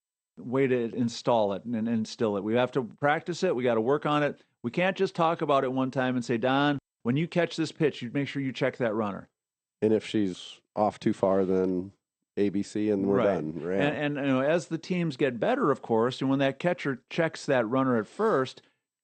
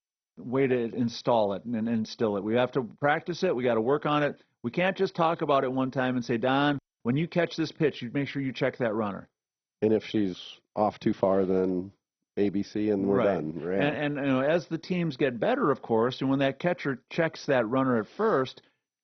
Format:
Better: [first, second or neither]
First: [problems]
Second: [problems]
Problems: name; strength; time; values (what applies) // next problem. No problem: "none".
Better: first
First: garbled, watery; slightly; nothing above 8.5 kHz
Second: garbled, watery; badly; nothing above 6 kHz